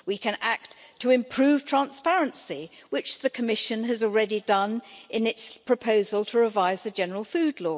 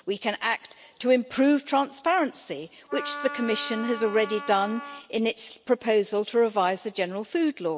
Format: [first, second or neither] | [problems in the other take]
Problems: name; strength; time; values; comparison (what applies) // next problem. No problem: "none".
first | background sound (Wind instrument, woodwind instrument); 11 dB below the speech